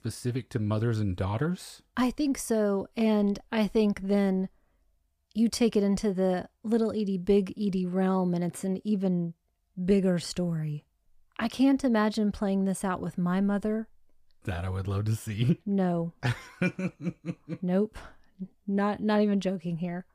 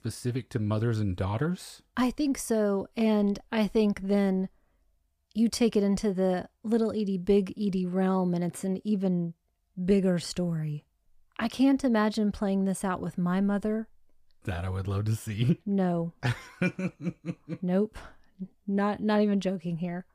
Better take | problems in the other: neither | none

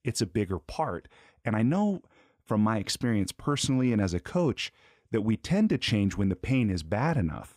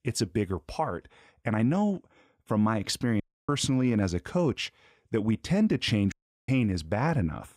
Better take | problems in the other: first | audio cutting out; at 3 s and at 6 s

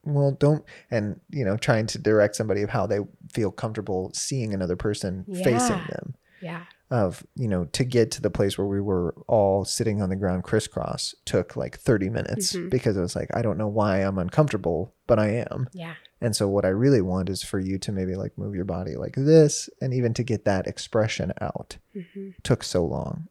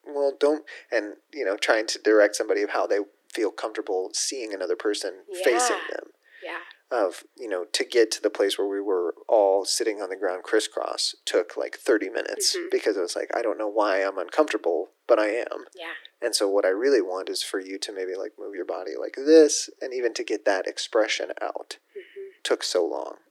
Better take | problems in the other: first | thin; very; fading below 300 Hz

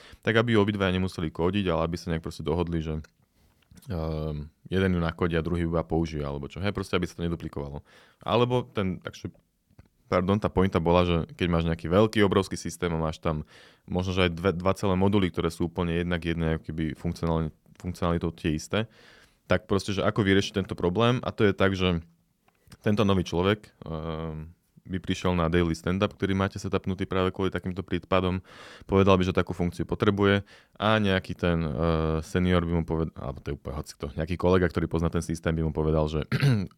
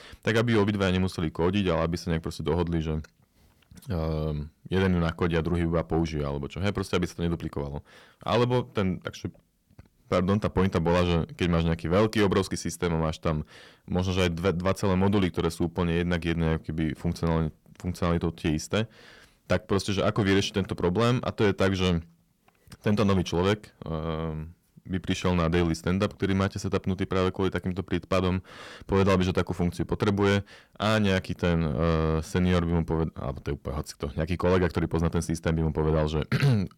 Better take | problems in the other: first | distortion; slight; 10 dB below the speech

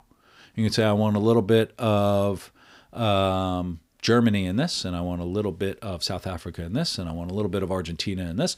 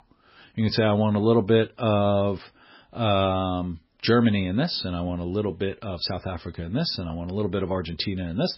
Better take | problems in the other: first | garbled, watery; badly; nothing above 5.5 kHz

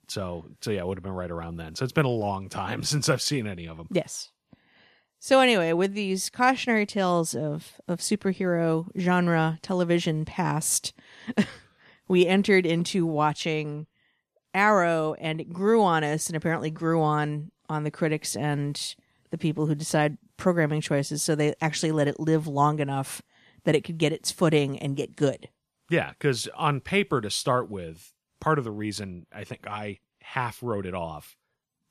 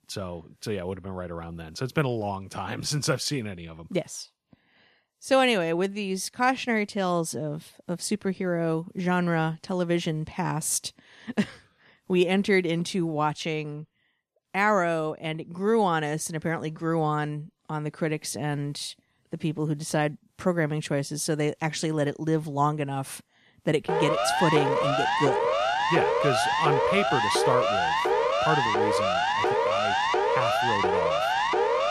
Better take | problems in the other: first | siren; loud; from 24 s on; peak 4 dB above the speech

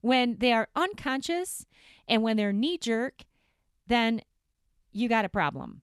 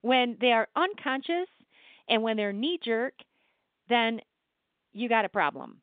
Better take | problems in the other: first | phone-call audio; nothing above 3 kHz

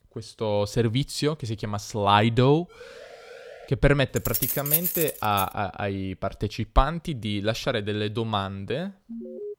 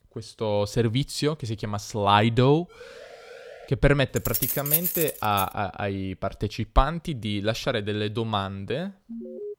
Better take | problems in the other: neither | siren; faint; at 2.5 s; peak 20 dB below the speech; the same in both // jangling keys; loud; from 4 to 5.5 s; peak 4 dB above the speech; the same in both // alarm; faint; at 9 s; peak 10 dB below the speech; the same in both

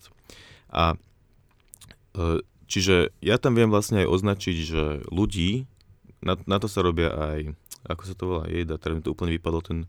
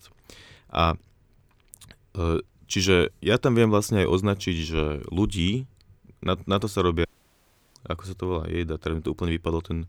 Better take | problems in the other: first | audio cutting out; at 7 s for 0.5 s

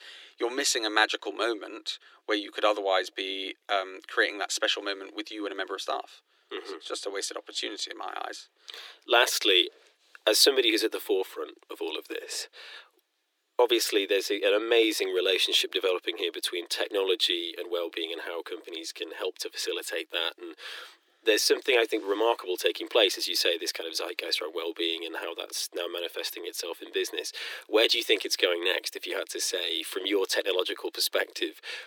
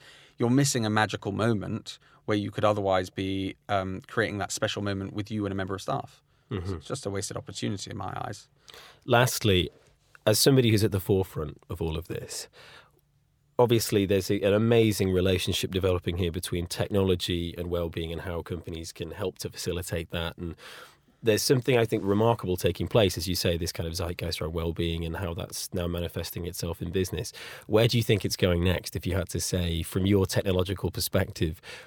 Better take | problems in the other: second | thin; very; fading below 300 Hz

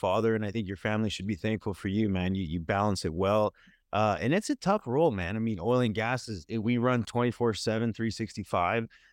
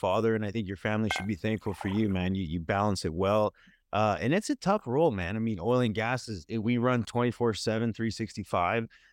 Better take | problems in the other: first | clattering dishes; noticeable; at 1 s; peak 7 dB below the speech

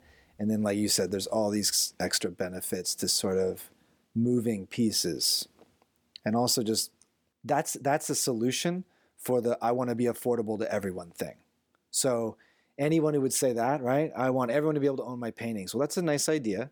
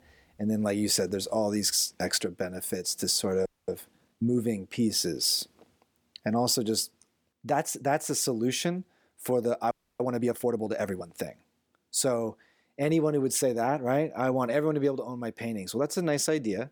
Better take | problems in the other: first | audio freezing; at 3.5 s and at 9.5 s

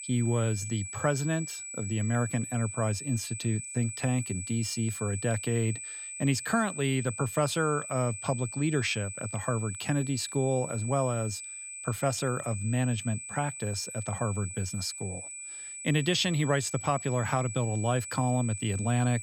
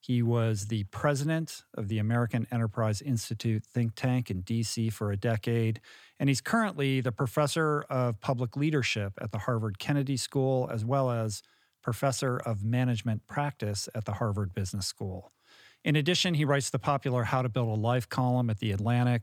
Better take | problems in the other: second | high-pitched whine; loud; throughout; 8 kHz, 8 dB below the speech

